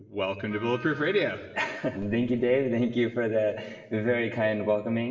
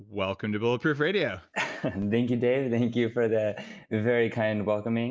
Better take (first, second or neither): second